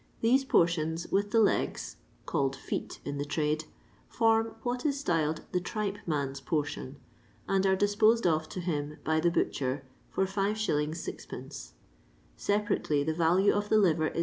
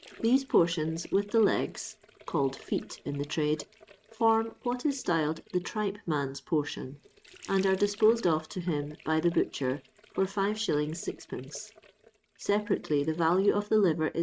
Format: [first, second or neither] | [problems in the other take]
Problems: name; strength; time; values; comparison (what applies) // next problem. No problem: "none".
first | noise reduction (neural mask model RNNoise)